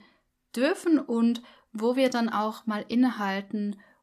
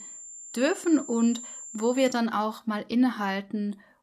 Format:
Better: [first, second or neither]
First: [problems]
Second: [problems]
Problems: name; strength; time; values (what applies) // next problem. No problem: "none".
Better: first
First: none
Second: high-pitched whine; noticeable; until 2 s; 7.5 kHz, 15 dB below the speech